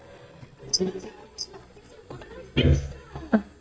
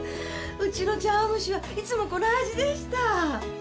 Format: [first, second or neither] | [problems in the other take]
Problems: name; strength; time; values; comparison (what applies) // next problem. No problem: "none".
second | noise reduction (neural mask model DeepFilterNet 3)